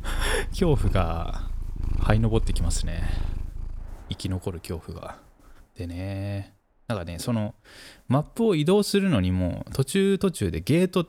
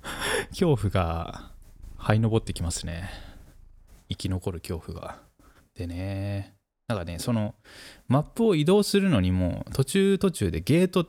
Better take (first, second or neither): second